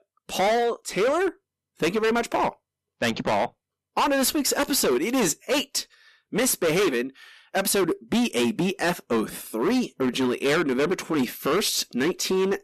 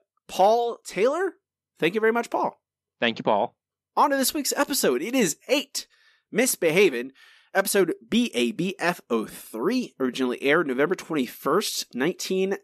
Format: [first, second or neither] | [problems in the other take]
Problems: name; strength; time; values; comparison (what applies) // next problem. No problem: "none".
second | distortion; heavy; 17% of the sound clipped